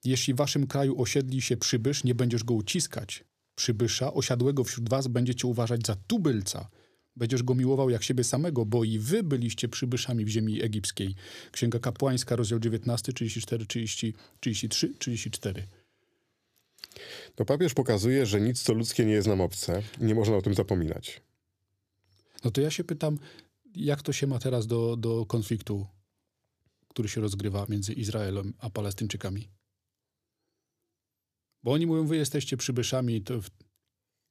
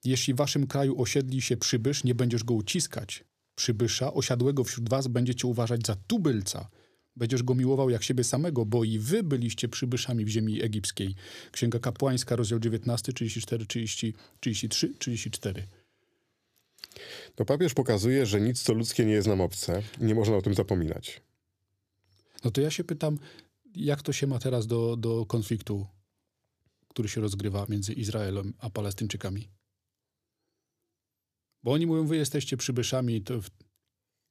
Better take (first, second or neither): neither